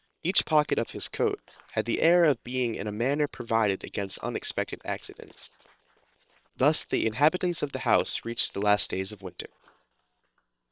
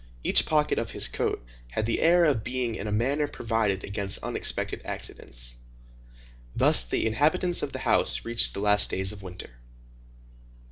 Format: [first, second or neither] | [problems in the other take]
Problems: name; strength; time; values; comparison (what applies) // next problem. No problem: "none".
second | noise reduction (neural separator model SepFormer WHAM!)